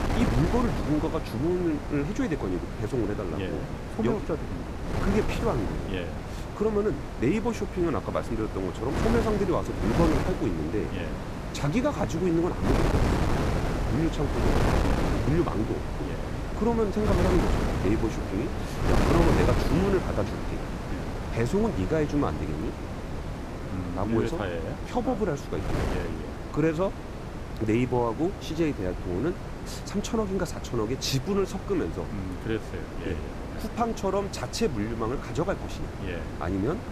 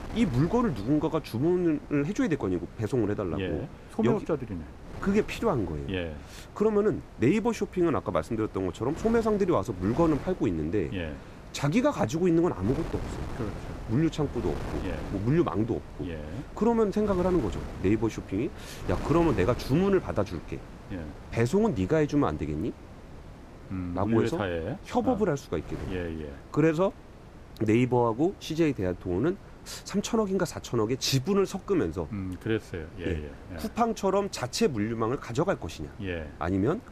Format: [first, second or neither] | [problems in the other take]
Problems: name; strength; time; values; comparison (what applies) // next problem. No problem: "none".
second | wind noise on the microphone; heavy; 4 dB below the speech; occasional gusts in the second